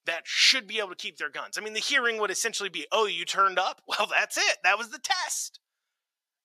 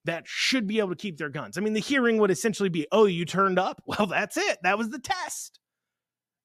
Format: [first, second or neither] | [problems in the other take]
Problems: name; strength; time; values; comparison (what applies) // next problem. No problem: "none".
second | thin; very; fading below 750 Hz